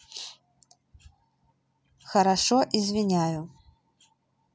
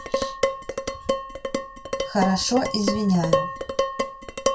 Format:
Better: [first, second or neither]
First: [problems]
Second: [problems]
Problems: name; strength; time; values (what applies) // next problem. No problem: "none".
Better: first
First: none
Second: background sound (Dishes, pots, and pans); as loud as the speech // room echo; dies away in 0.2 s